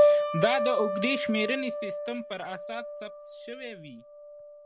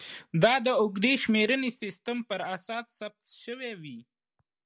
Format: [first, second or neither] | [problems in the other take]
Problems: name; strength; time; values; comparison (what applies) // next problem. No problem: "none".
second | background sound (Piano); 3 dB above the speech